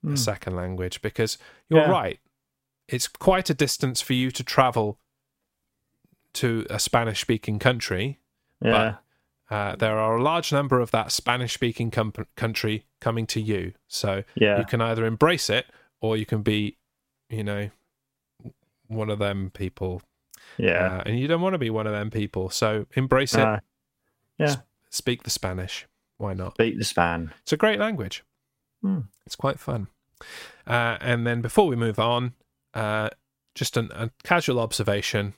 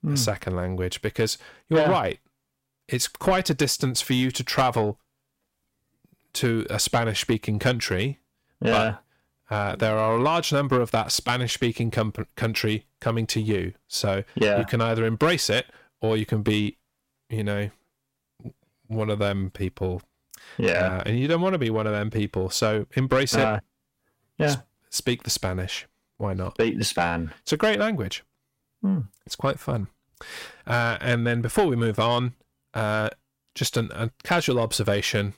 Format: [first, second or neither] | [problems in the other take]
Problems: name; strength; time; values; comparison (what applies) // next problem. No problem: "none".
first | distortion; slight; 10 dB below the speech